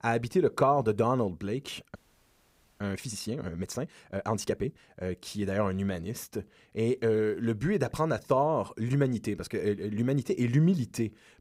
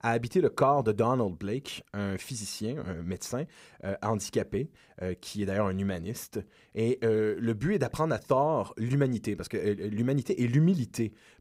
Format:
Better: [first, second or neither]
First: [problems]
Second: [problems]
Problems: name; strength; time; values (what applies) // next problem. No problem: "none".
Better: second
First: audio freezing; at 2 s for 1 s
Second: none